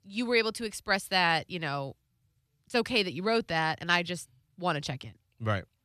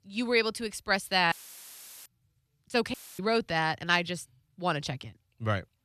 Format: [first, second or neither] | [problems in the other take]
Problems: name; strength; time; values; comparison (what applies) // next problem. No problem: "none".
first | audio cutting out; filled with static; at 1.5 s for 0.5 s and at 3 s